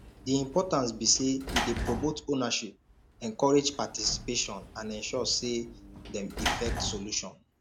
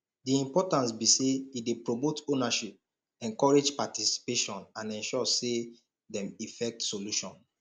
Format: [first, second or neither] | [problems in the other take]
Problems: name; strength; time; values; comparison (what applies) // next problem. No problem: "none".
second | background sound (Sliding door / Slam); 8 dB below the speech